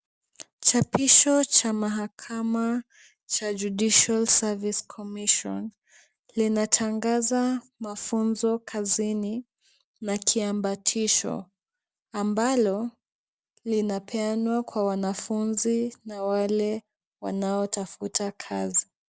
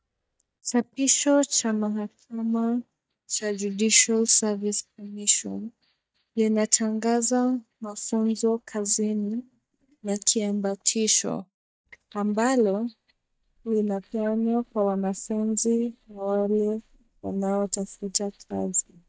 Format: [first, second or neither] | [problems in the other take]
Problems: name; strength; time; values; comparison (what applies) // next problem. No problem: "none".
first | noise reduction (neural mask model DeepFilterNet 3)